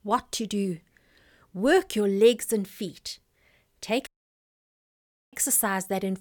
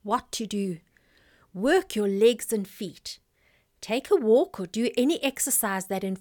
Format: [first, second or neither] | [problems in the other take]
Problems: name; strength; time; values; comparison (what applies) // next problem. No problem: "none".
second | audio cutting out; at 4 s for 1.5 s